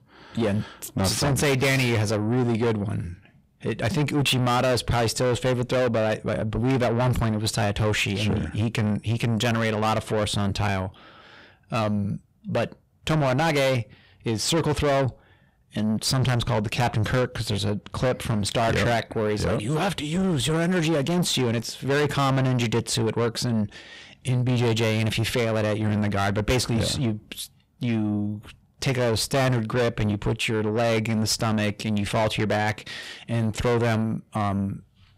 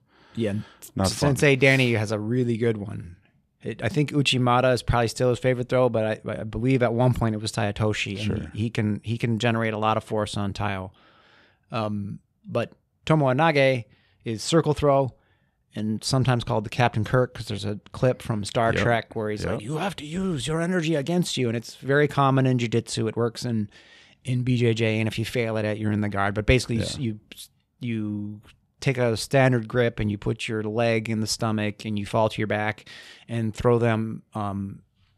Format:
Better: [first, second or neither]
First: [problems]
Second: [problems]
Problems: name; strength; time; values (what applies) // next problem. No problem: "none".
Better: second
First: distortion; heavy; 6 dB below the speech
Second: none